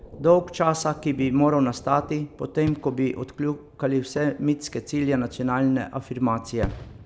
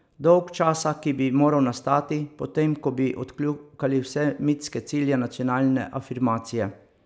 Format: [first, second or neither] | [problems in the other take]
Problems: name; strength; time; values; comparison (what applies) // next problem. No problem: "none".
second | background sound (Fireworks + Thunder); 16 dB below the speech